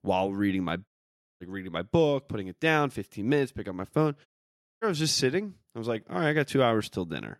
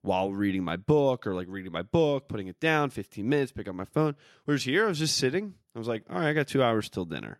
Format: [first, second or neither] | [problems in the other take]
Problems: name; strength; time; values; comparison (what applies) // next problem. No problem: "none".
second | audio cutting out; at 1 s for 0.5 s and at 4.5 s for 0.5 s